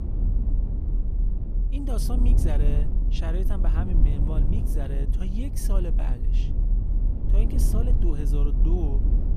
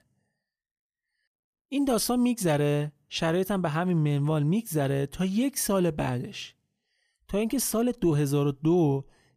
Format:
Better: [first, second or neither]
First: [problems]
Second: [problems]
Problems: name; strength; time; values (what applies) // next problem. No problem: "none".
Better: second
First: low rumble; loud; throughout; 3 dB below the speech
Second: none